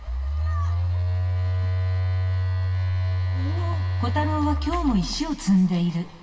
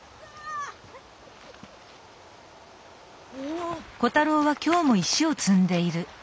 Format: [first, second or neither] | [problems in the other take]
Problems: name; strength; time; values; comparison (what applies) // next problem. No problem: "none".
second | background sound (Telephone); 3 dB above the speech // room echo; dies away in 1.4 s